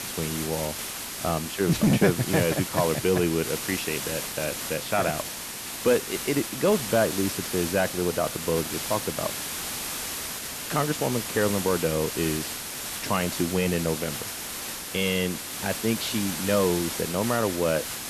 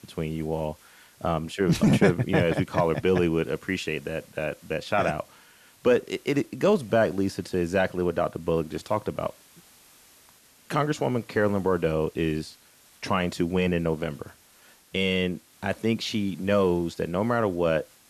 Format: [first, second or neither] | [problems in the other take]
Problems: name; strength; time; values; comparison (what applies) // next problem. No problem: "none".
second | hiss; loud; throughout; 4 dB below the speech; faint in the second